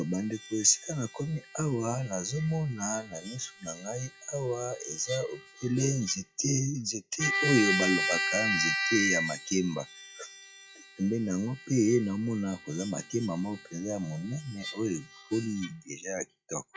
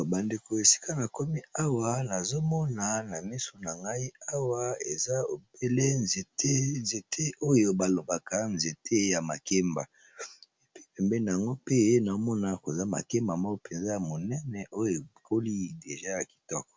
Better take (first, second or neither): second